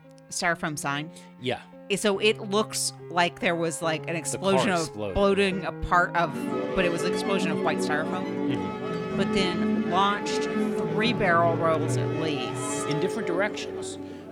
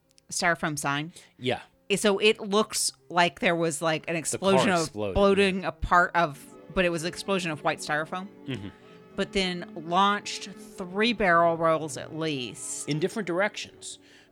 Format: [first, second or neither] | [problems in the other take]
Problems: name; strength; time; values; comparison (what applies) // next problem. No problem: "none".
second | background music; loud; throughout; 3 dB below the speech; faint in the second